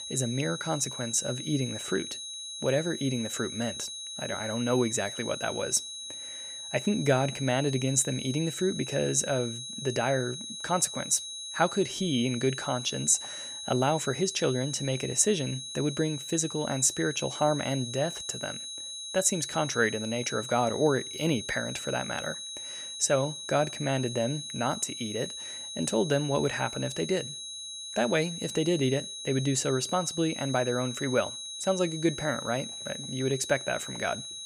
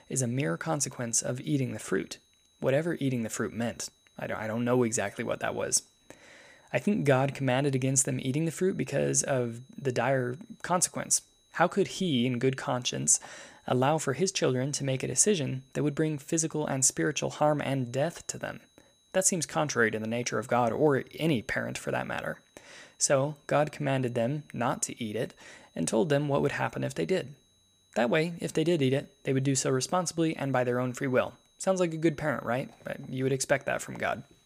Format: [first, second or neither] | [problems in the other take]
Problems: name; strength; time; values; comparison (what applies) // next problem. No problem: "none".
second | high-pitched whine; loud; throughout; 4 kHz, 7 dB below the speech; faint in the second